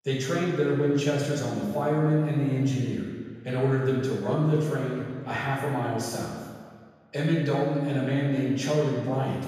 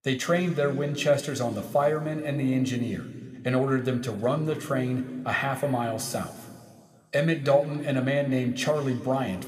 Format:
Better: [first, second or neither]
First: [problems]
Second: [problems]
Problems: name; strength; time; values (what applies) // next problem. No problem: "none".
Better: second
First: room echo; strong; dies away in 1.6 s // off-mic speech; far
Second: room echo; slight; dies away in 1.8 s